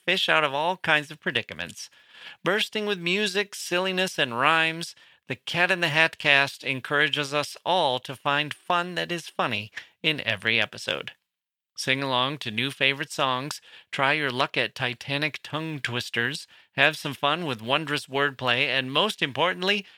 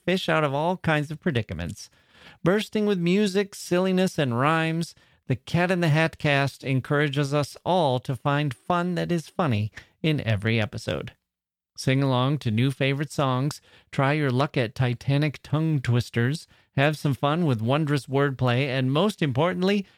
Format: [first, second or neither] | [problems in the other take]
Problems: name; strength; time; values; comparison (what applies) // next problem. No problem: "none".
second | thin; somewhat; fading below 700 Hz